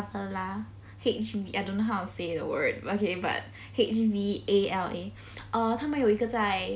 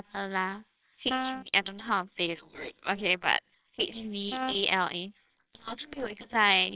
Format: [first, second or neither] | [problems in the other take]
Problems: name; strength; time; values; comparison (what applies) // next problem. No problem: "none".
first | noise reduction (neural separator model SepFormer WHAMR!)